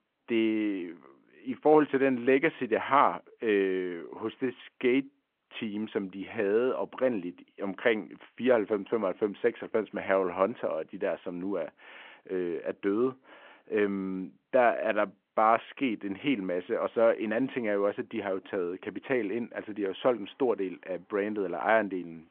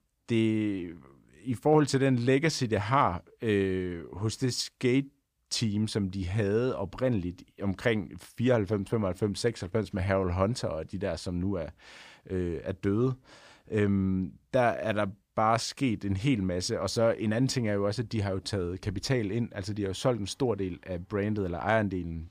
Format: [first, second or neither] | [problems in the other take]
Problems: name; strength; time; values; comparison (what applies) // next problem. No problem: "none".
second | phone-call audio